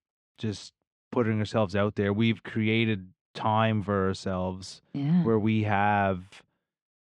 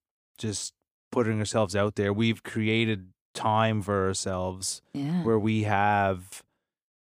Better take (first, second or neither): second